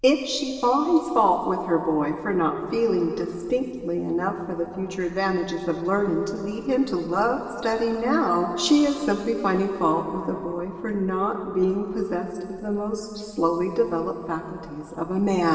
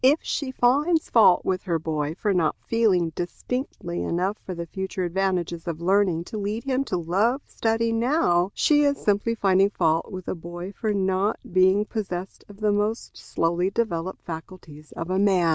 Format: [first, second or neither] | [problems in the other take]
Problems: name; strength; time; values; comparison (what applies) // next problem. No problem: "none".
second | room echo; dies away in 2.7 s